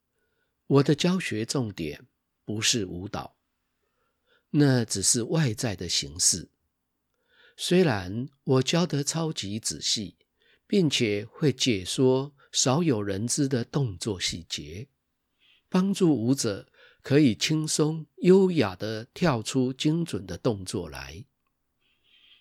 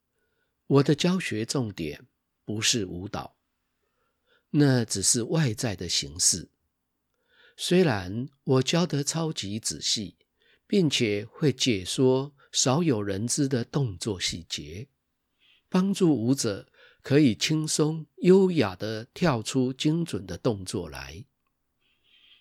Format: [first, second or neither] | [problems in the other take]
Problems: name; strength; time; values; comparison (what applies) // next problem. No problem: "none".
neither | none